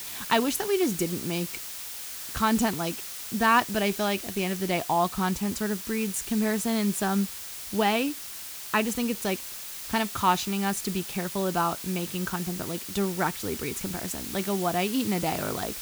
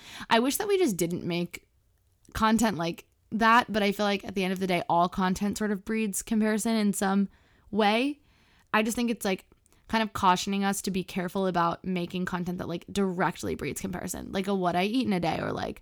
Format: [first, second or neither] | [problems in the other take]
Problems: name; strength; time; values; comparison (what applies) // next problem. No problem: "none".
second | hiss; loud; throughout; 7 dB below the speech